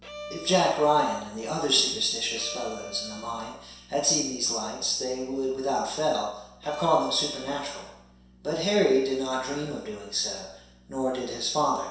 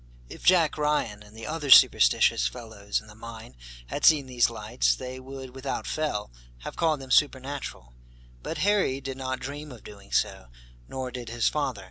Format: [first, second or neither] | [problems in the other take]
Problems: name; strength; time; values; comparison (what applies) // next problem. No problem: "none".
second | background sound (Bowed string instrument); 16 dB below the speech // room echo; dies away in 0.7 s